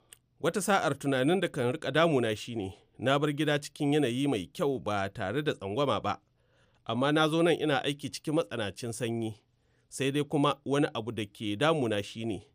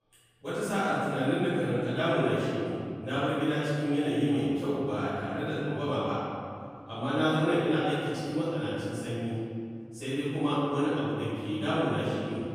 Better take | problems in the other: first | off-mic speech; far // room echo; strong; dies away in 2.3 s

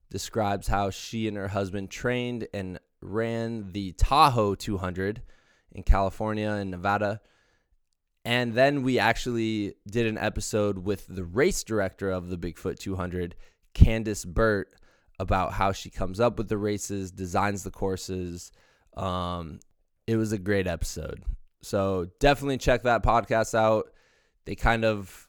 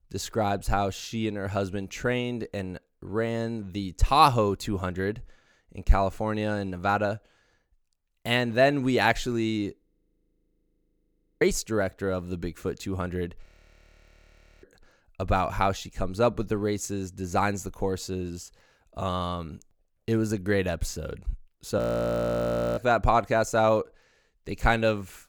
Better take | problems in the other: first | audio freezing; at 10 s for 1.5 s, at 13 s for 1 s and at 22 s for 1 s

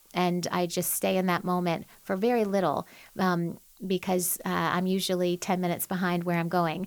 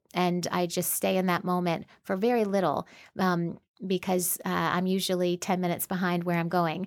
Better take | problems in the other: second | hiss; faint; throughout; 25 dB below the speech

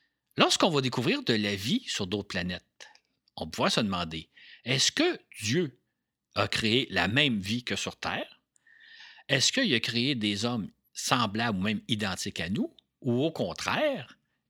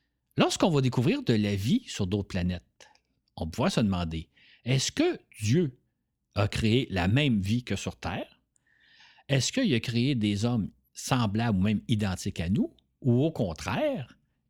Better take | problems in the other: second | thin; very slightly; fading below 600 Hz

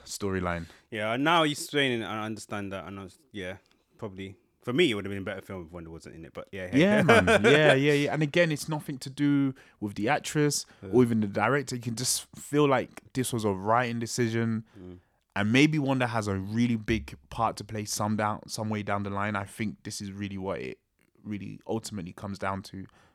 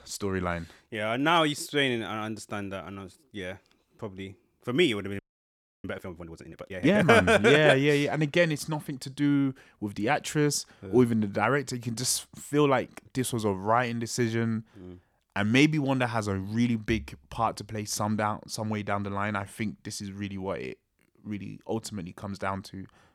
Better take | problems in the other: first | audio freezing; at 5 s for 0.5 s

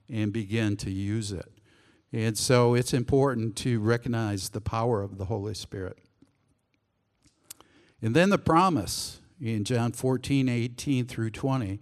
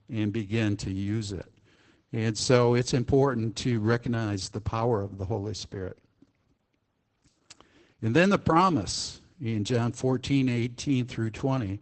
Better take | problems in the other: first | garbled, watery; badly; nothing above 8 kHz

